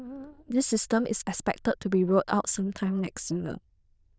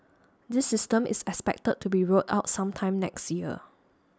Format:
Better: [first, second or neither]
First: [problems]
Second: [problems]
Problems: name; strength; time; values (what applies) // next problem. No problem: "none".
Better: second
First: noise reduction (neural diffusion model UNIVERSE++)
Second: none